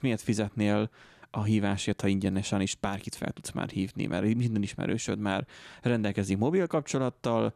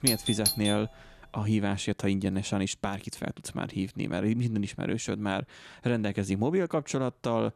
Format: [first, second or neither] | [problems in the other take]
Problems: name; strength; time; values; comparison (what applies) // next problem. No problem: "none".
first | doorbell; loud; at the start; peak 3 dB above the speech